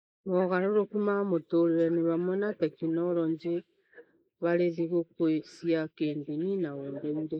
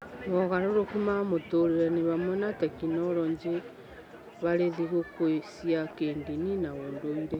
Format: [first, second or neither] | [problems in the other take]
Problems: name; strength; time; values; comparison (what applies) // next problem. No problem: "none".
second | noise reduction (neural mask model Resemble Enhance denoiser)